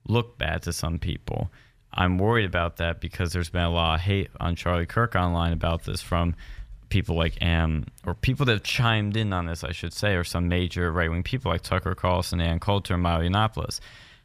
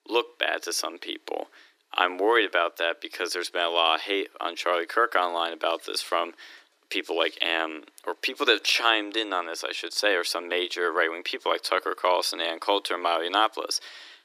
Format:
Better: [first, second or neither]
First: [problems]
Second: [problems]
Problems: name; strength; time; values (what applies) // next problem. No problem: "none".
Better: first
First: none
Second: thin; very; fading below 300 Hz